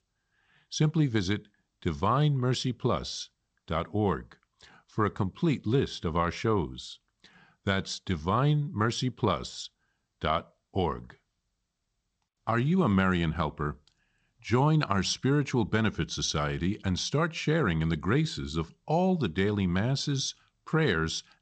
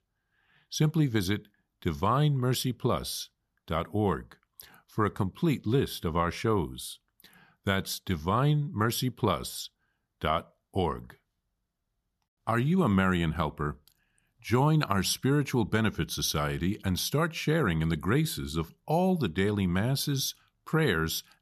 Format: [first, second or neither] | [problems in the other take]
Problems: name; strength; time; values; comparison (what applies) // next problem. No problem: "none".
second | garbled, watery; slightly; nothing above 7.5 kHz